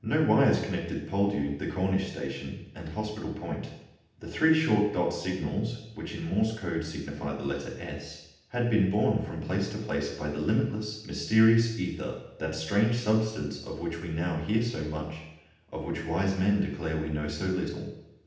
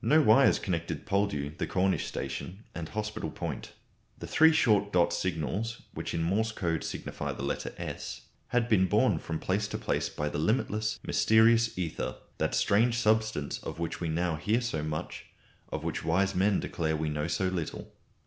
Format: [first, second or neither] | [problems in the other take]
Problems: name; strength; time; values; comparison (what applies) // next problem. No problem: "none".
second | room echo; dies away in 0.8 s